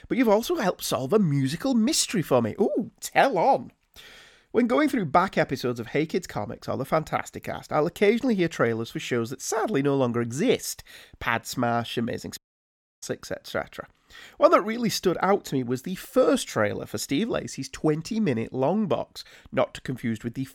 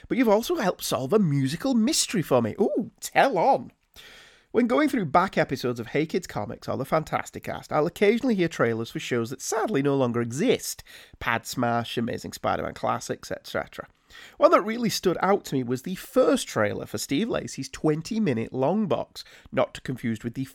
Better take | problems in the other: second | audio cutting out; at 12 s for 0.5 s

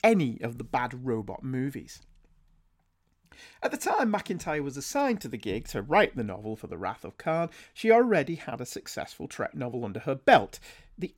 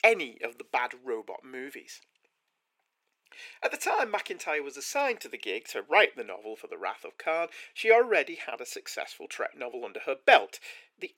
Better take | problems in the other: first | thin; very; fading below 400 Hz

